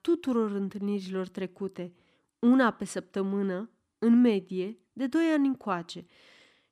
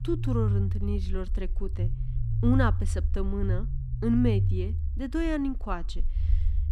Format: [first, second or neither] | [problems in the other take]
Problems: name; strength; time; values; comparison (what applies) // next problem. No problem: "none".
first | low rumble; noticeable; throughout; 10 dB below the speech